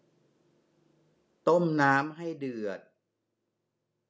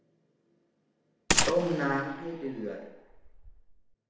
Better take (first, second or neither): first